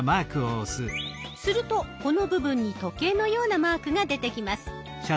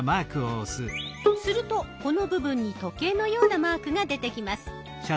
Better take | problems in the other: first | background sound (Bowed string instrument); 3 dB below the speech

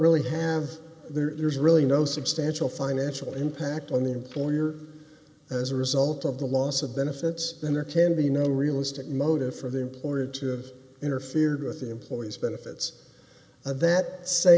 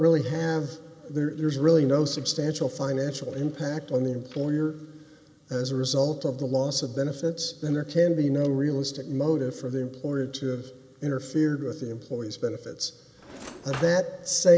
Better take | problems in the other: first | background sound (Cutlery, silverware / Drawer open or close); 15 dB below the speech

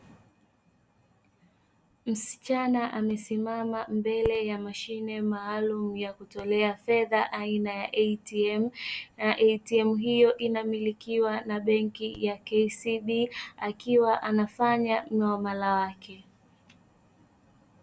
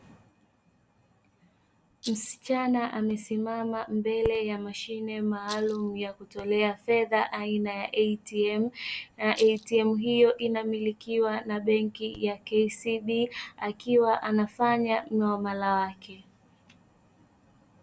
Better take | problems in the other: first | background sound (Rattle); 15 dB below the speech

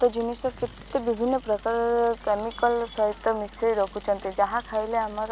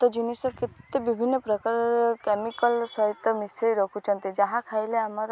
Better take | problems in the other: second | background sound (Mechanisms / Bicycle); 19 dB below the speech

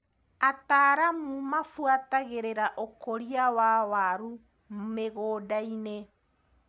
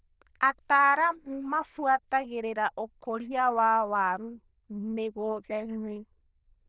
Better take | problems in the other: first | noise reduction (neural diffusion model UNIVERSE++)

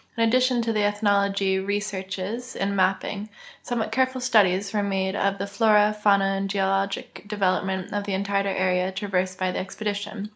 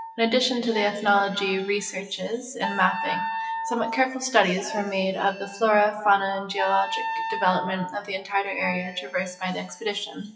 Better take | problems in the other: first | noise reduction (classical method WPE with log-MMSE)

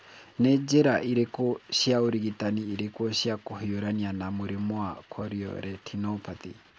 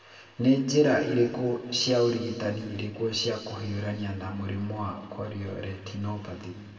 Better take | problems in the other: first | room echo; dies away in 2.1 s

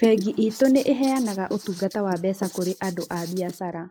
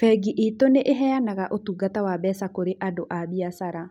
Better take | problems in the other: second | noise reduction (neural mask model Resemble Enhance denoiser)

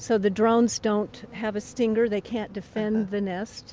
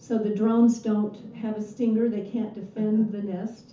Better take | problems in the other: first | room echo; dies away in 0.9 s

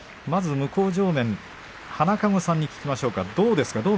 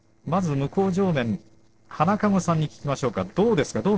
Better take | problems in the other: first | noise reduction (neural separator model SepFormer DNS4)

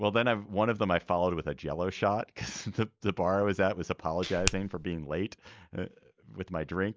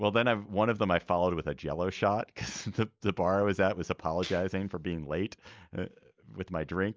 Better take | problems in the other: second | background sound (Finger snapping); 4 dB below the speech

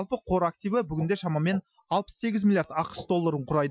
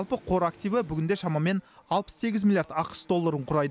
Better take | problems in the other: second | noise reduction (classical method Wiener filter)

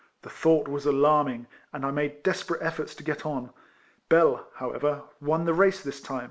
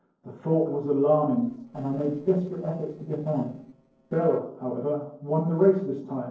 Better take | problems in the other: first | noise reduction (neural separator model SepFormer DNS4)

